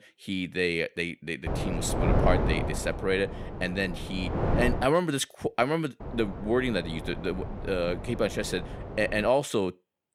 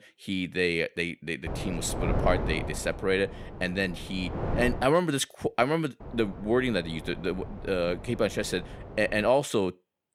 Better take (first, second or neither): second